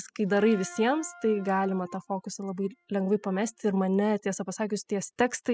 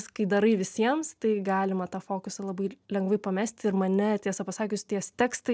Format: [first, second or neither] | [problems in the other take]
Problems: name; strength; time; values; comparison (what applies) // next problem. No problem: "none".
second | noise reduction (classical method spectral subtraction)